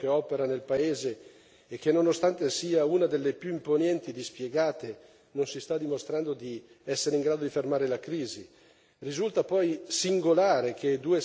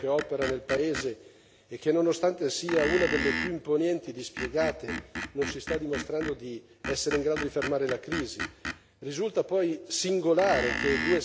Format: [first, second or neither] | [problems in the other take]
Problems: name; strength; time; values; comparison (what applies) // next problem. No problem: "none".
first | background sound (Screech); 7 dB below the speech